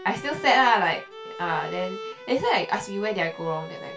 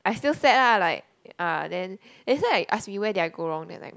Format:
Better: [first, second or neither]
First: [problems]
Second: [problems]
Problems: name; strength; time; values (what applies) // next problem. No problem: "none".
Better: second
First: background sound (Bowed string instrument); 13 dB below the speech // room echo; dies away in 0.2 s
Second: none